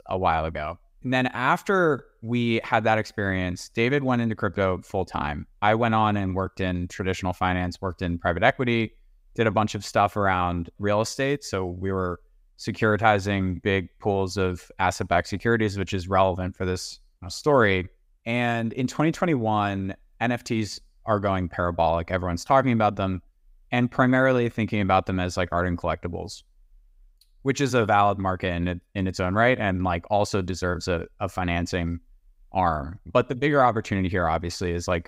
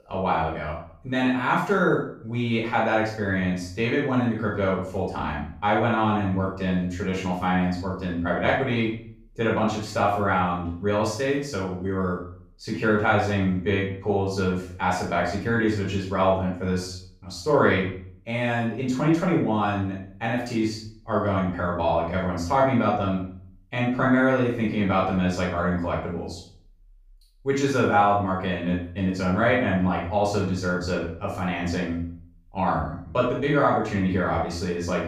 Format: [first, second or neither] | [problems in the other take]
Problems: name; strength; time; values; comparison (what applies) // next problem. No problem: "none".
first | off-mic speech; far // room echo; noticeable; dies away in 0.4 s